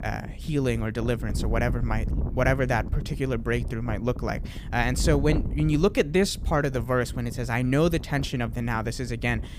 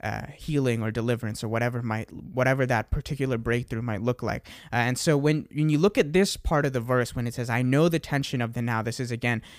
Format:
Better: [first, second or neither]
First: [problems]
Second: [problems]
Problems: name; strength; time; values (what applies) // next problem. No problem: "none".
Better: second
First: wind noise on the microphone; occasional gusts; 15 dB below the speech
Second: none